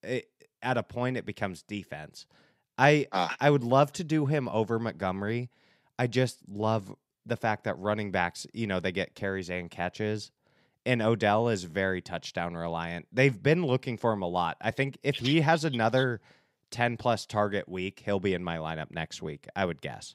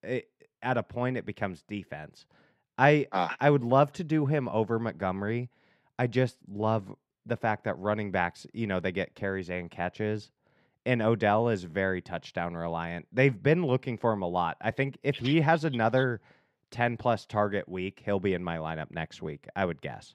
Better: first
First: none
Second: muffled; slightly; fading above 3.5 kHz

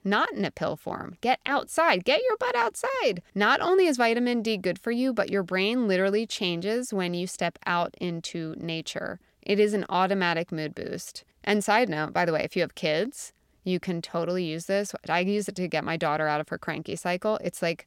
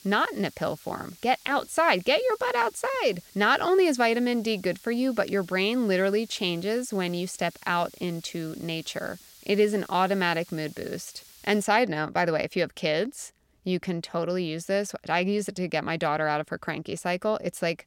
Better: first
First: none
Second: hiss; faint; until 12 s; 25 dB below the speech

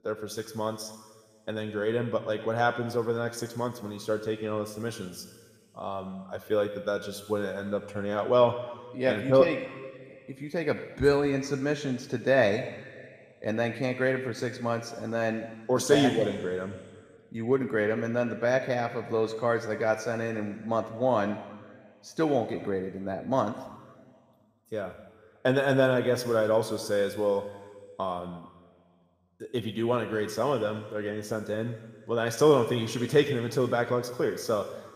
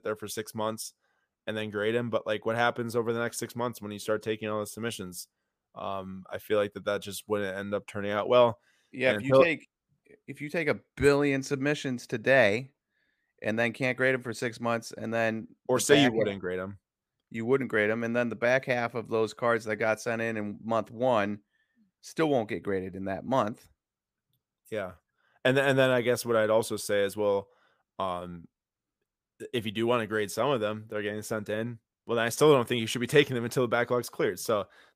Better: second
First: room echo; slight; dies away in 1.6 s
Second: none

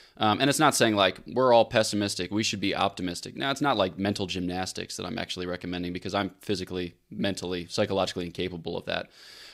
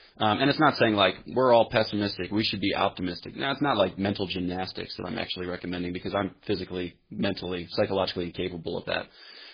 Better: first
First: none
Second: garbled, watery; badly; nothing above 5 kHz

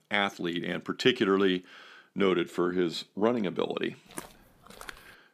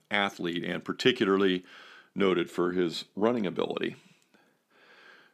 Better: second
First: footsteps; faint; at 4 s; peak 15 dB below the speech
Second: none

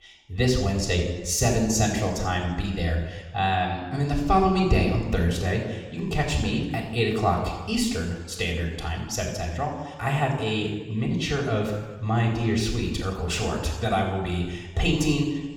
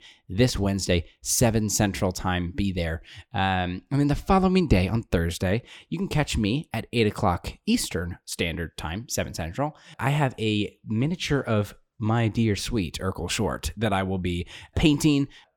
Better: second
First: room echo; noticeable; dies away in 1.1 s // off-mic speech; somewhat distant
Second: none

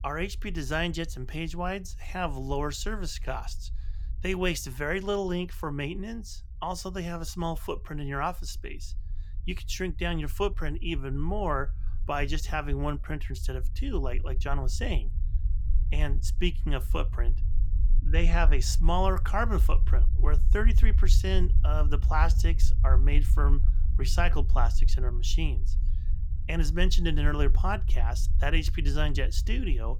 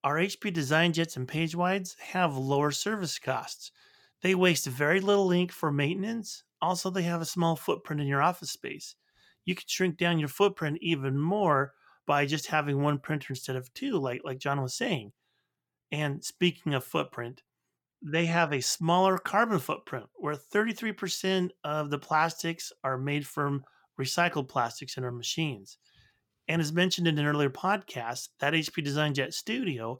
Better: second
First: low rumble; noticeable; throughout; 15 dB below the speech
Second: none

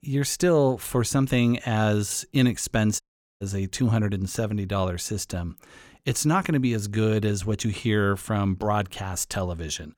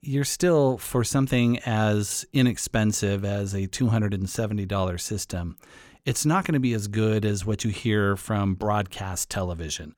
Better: second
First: audio cutting out; at 3 s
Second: none

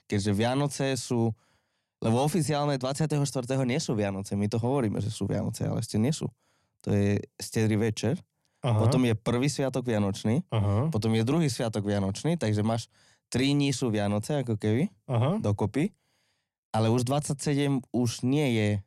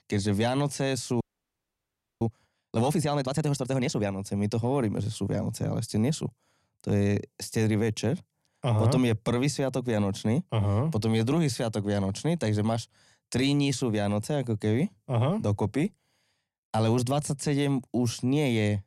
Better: first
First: none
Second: audio freezing; at 1 s for 1 s

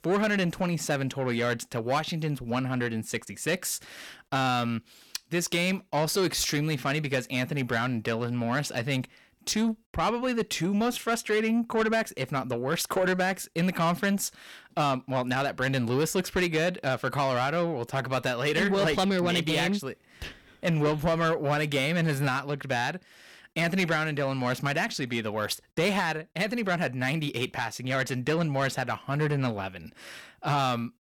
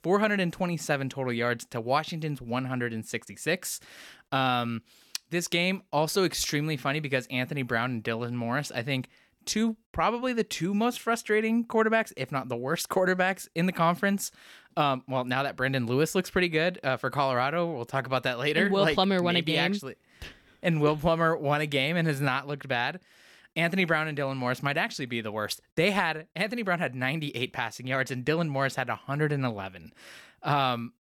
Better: second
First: distortion; slight; 10 dB below the speech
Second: none

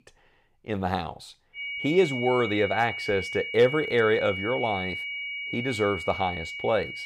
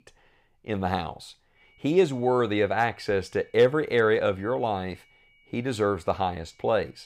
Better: second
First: high-pitched whine; loud; from 1.5 s on; 2.5 kHz, 6 dB below the speech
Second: high-pitched whine; faint; from 1.5 s on; 2.5 kHz, 35 dB below the speech

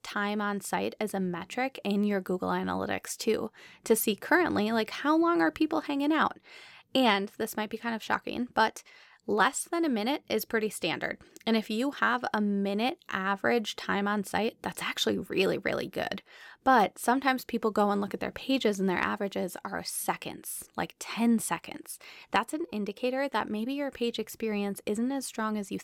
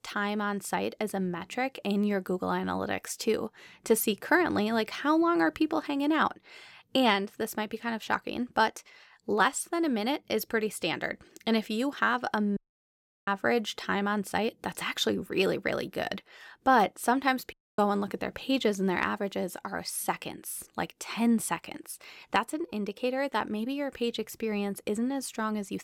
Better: first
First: none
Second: audio cutting out; at 13 s for 0.5 s and at 18 s

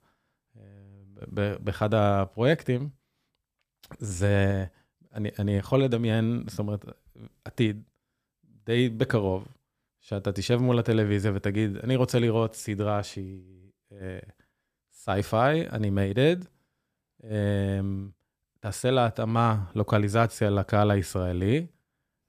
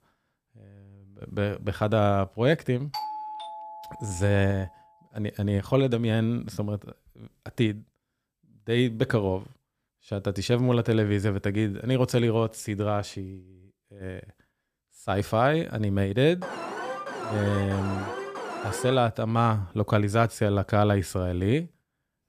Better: first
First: none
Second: doorbell; noticeable; from 3 to 4.5 s; peak 7 dB below the speech // alarm; noticeable; from 16 to 19 s; peak 7 dB below the speech

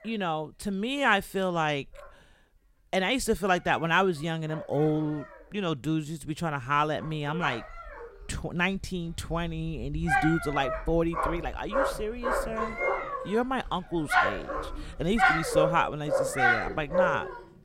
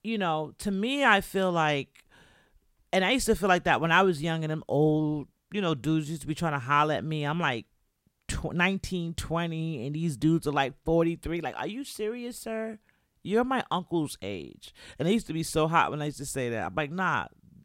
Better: second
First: animal sounds; very loud; throughout; as loud as the speech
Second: none

